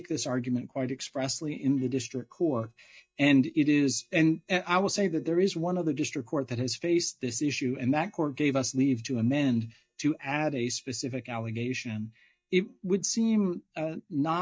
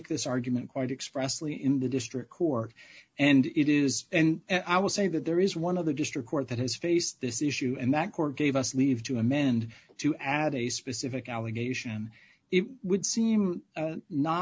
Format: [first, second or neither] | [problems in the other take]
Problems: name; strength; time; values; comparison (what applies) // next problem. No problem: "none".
second | noise reduction (neural mask model DeepFilterNet 3)